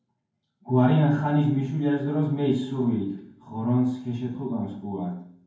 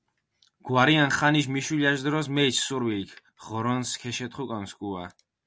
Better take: second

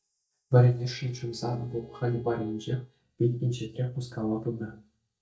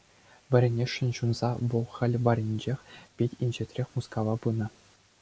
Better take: second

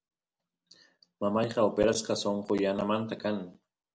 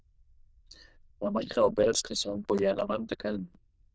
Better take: first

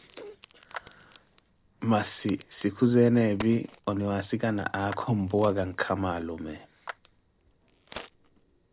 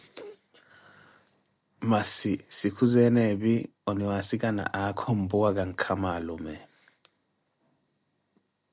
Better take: second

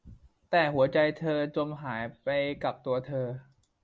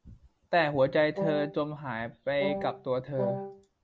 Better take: first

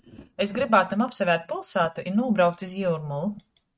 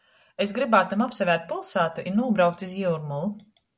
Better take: second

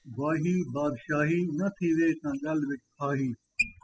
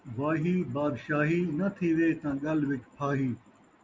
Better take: second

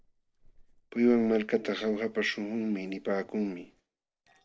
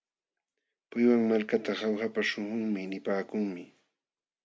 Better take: second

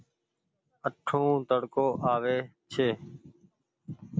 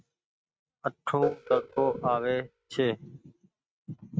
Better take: first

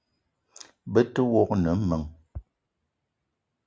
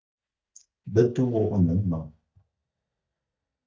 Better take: first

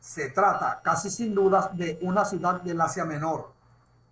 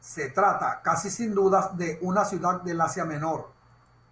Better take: second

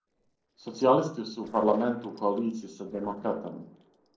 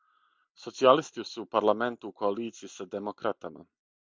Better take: second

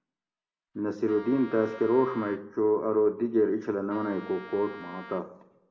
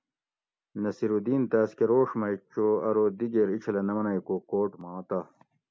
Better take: second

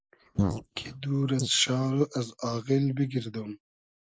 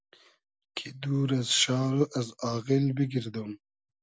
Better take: second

